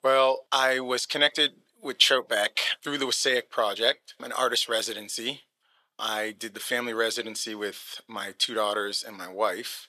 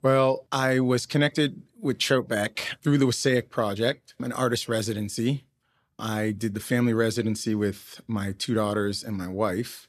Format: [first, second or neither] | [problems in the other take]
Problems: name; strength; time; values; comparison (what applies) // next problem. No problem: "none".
second | thin; very; fading below 650 Hz